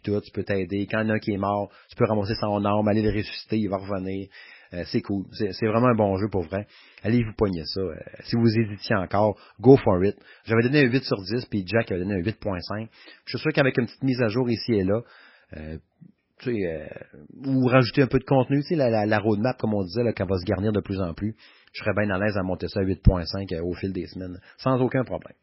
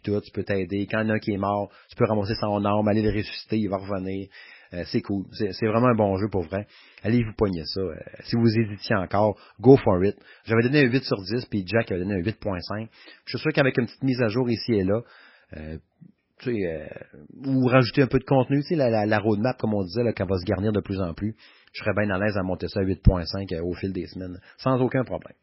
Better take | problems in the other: neither | garbled, watery; badly; nothing above 5.5 kHz; the same in both

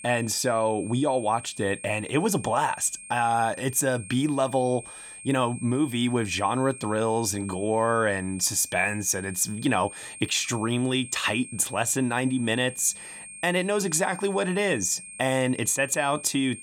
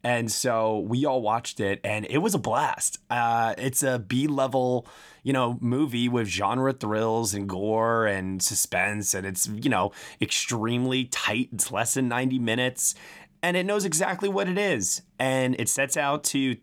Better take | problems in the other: second | high-pitched whine; noticeable; throughout; 8.5 kHz, 15 dB below the speech

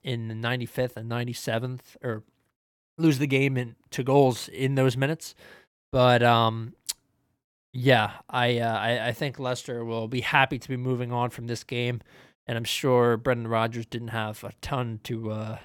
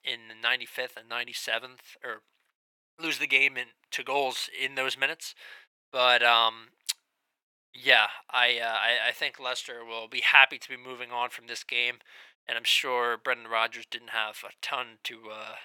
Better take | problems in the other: first | thin; very; fading below 750 Hz

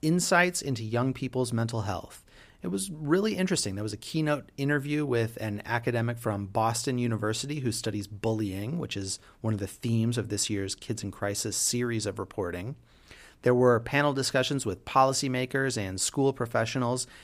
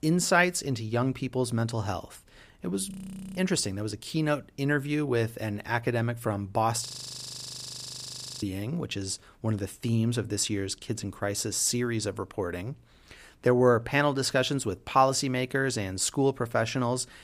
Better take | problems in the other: first | audio freezing; at 3 s and at 7 s for 1.5 s

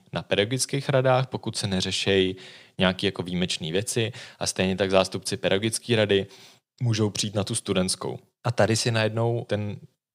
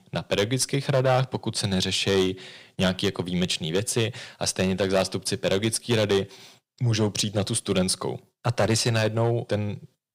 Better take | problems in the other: first | distortion; slight; 5% of the sound clipped

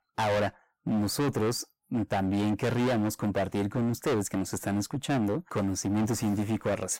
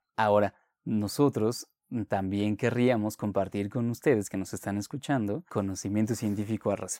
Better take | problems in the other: second | distortion; heavy; 22% of the sound clipped

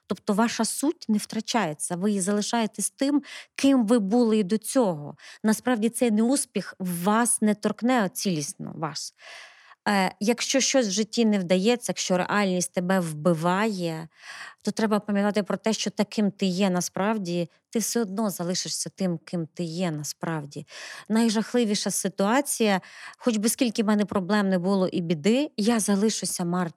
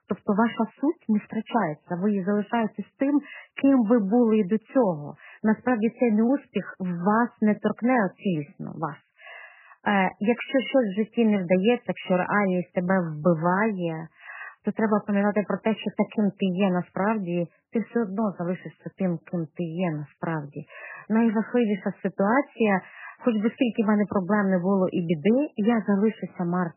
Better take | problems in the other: first | garbled, watery; badly; nothing above 3 kHz

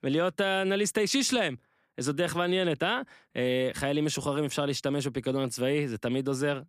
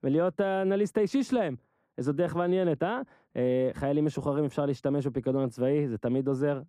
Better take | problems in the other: first | muffled; very; fading above 1.5 kHz

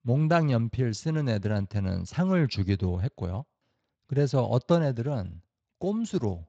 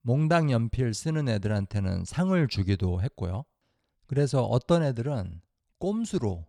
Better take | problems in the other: second | garbled, watery; slightly; nothing above 7.5 kHz

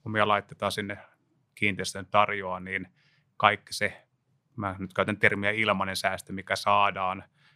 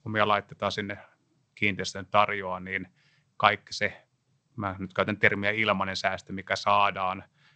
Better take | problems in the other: first | garbled, watery; slightly; nothing above 7.5 kHz

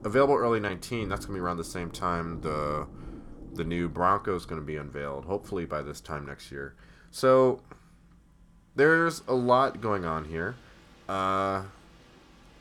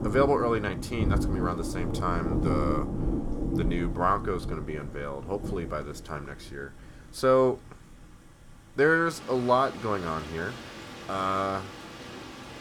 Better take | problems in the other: first | rain or running water; loud; throughout; 5 dB below the speech; faint in the first

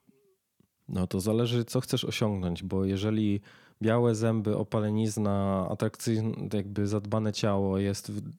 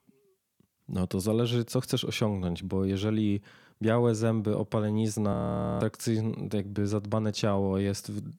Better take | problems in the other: first | audio freezing; at 5.5 s

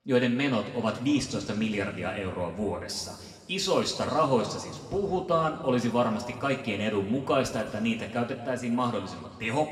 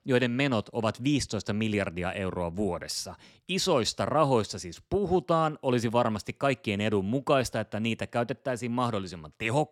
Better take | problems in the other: second | room echo; noticeable; dies away in 1.7 s // off-mic speech; somewhat distant

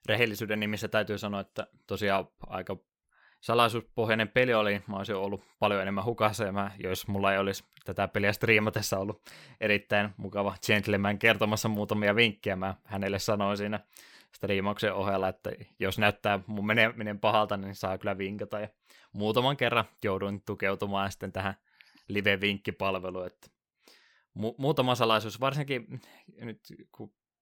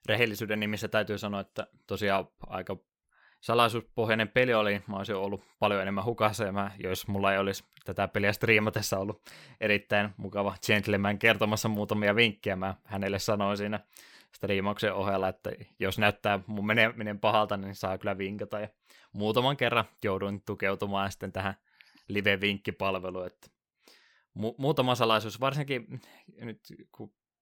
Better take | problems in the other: neither | none

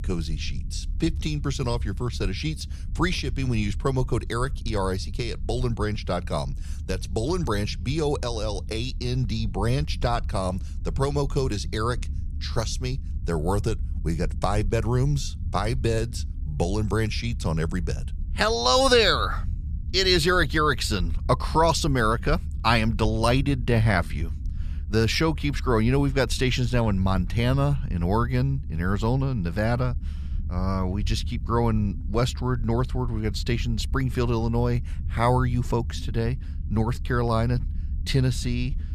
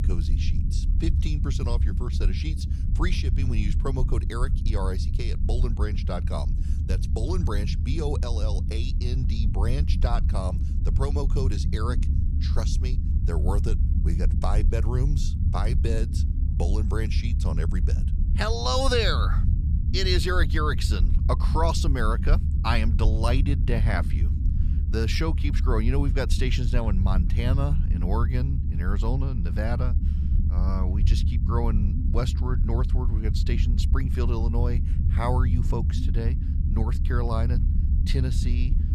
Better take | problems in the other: first | low rumble; loud; throughout; 9 dB below the speech; faint in the first

